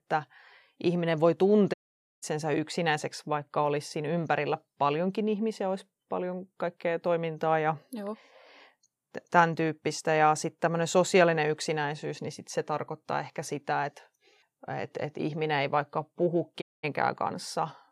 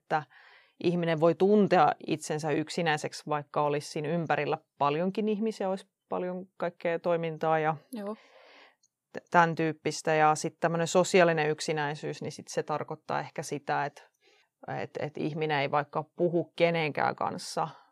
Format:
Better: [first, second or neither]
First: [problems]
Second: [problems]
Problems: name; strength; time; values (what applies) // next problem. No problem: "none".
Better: second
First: audio cutting out; at 1.5 s and at 17 s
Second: none